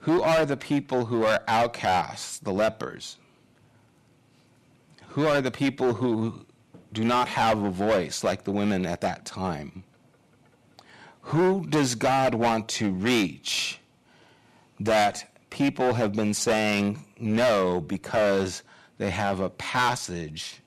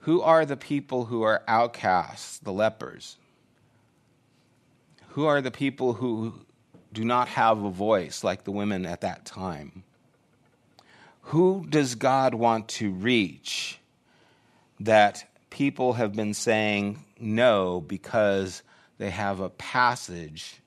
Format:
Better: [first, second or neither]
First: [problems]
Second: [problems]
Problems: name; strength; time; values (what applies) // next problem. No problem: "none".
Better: second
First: distortion; heavy; 10% of the sound clipped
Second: none